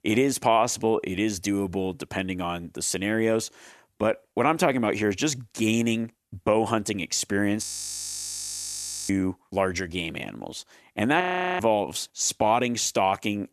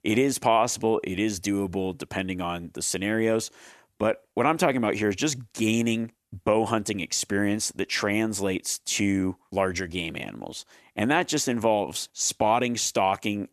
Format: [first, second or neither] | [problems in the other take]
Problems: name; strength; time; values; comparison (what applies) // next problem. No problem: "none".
second | audio freezing; at 7.5 s for 1.5 s and at 11 s